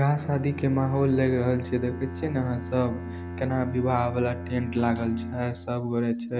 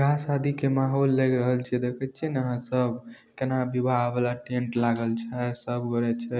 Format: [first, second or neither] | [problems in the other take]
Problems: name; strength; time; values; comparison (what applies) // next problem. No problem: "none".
second | background sound (Bowed string instrument); 10 dB below the speech